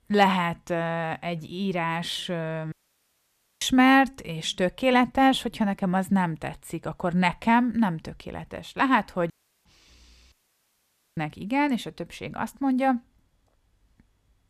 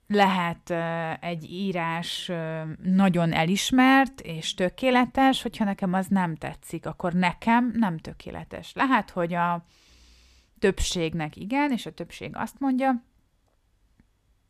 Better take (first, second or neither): second